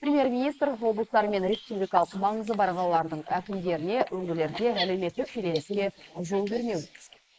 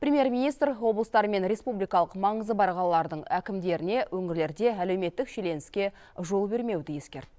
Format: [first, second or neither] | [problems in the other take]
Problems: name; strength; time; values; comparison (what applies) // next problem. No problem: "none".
second | noise reduction (neural mask model Resemble Enhance denoiser)